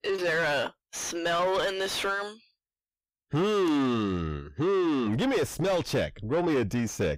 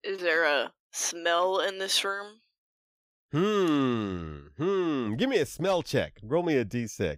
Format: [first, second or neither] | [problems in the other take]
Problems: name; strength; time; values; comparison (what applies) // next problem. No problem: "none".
second | distortion; heavy; 7 dB below the speech